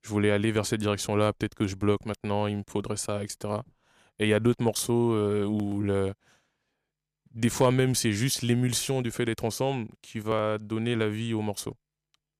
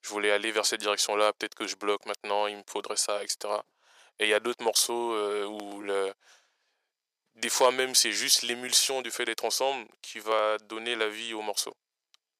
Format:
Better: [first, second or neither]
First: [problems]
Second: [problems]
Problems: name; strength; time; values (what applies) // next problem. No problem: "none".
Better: first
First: none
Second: thin; very; fading below 500 Hz